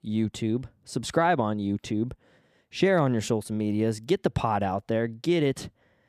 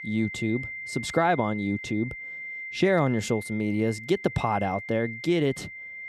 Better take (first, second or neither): first